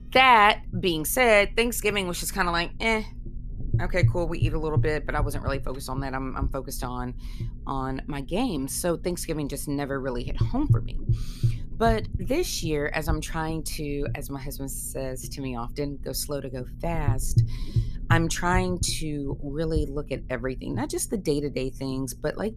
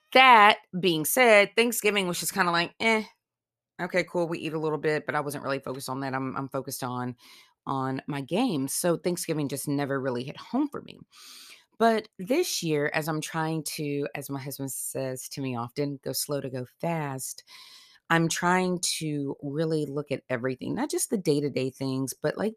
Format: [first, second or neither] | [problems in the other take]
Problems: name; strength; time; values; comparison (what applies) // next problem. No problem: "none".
second | low rumble; noticeable; throughout; 20 dB below the speech